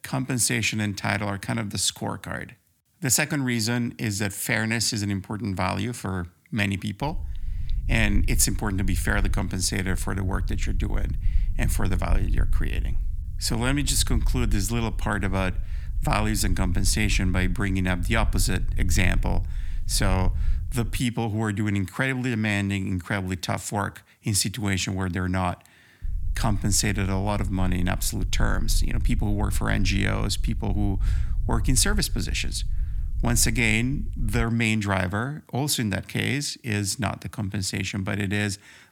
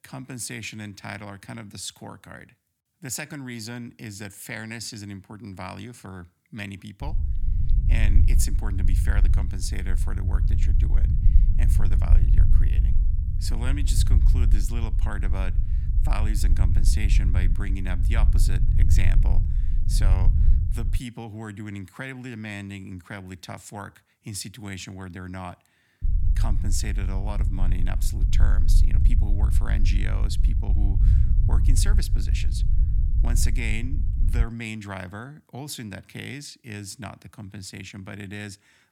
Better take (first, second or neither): first